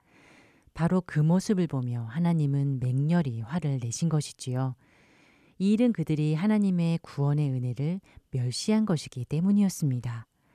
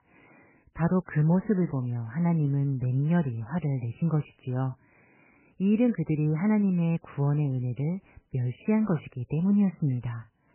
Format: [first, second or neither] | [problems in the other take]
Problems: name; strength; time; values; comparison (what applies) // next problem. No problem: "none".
first | garbled, watery; badly; nothing above 3 kHz